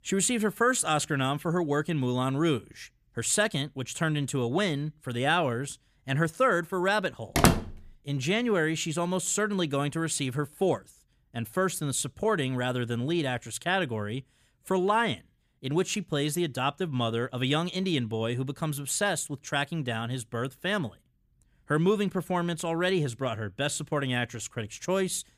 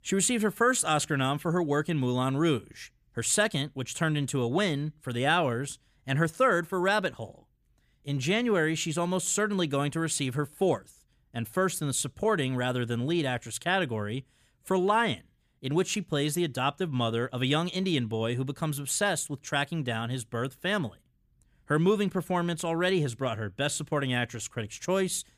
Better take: second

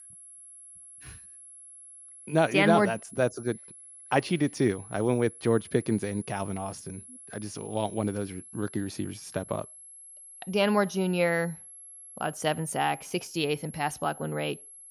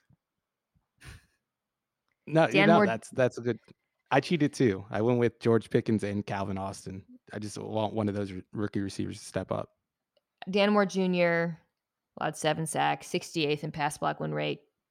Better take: second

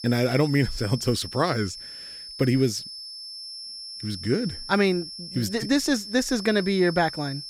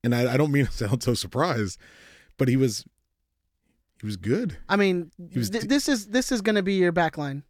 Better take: second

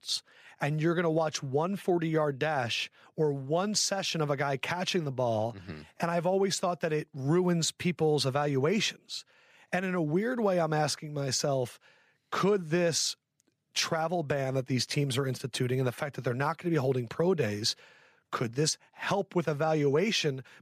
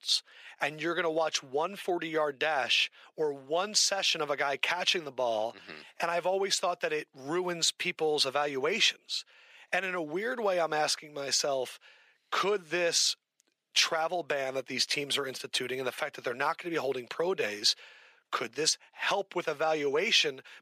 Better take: first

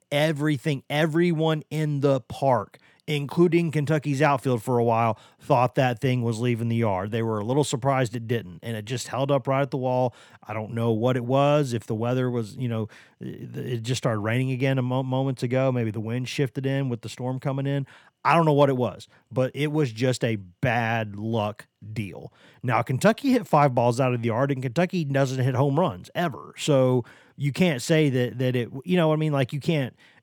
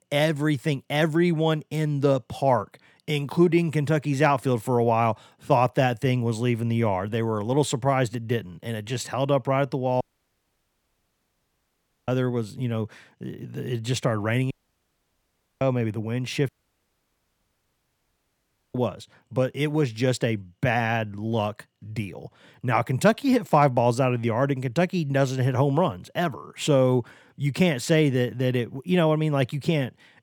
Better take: first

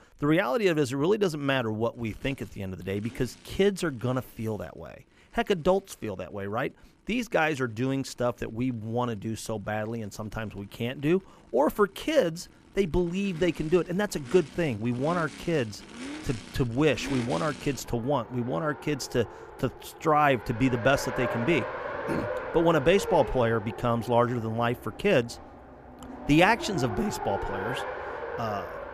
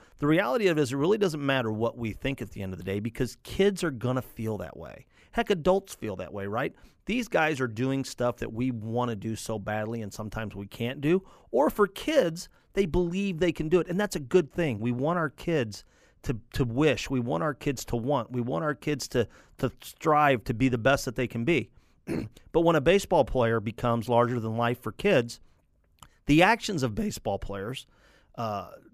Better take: second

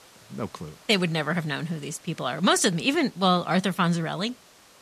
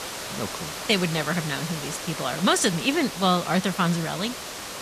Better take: first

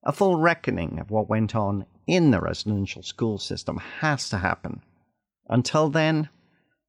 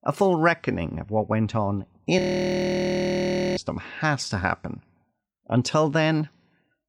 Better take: first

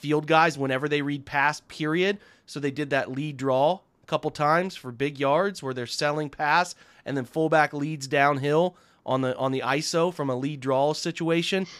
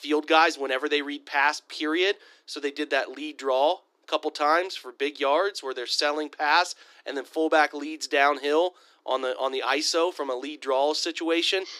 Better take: first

